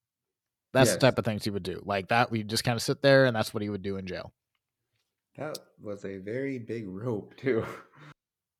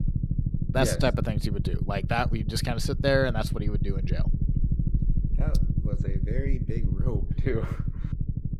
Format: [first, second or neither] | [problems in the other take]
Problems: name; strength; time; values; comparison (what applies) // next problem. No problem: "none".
first | low rumble; noticeable; throughout; 10 dB below the speech